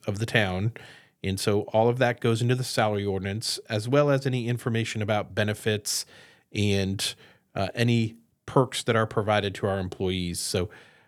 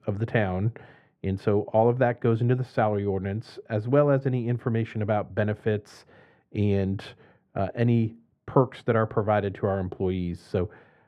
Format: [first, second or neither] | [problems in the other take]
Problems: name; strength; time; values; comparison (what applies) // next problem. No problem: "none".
first | muffled; very; fading above 3 kHz